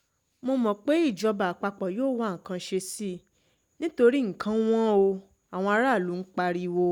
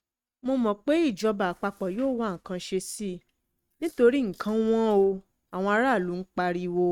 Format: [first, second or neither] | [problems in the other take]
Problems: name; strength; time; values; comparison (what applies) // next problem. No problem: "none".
first | noise reduction (neural mask model RNNoise)